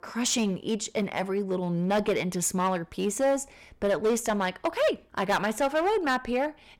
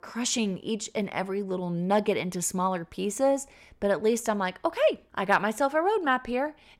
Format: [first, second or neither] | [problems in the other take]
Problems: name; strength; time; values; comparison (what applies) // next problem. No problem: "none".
second | distortion; slight; 8% of the sound clipped